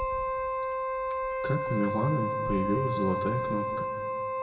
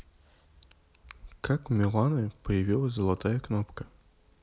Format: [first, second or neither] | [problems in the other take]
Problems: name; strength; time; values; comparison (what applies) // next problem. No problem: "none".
second | background sound (Wind instrument, woodwind instrument); 1 dB above the speech // room echo; dies away in 2.4 s